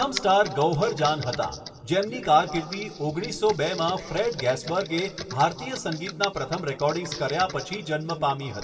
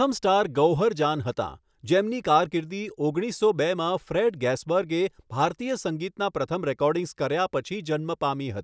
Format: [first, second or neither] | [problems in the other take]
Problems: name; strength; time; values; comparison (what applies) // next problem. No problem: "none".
second | background sound (Computer keyboard); 14 dB below the speech // room echo; dies away in 1.1 s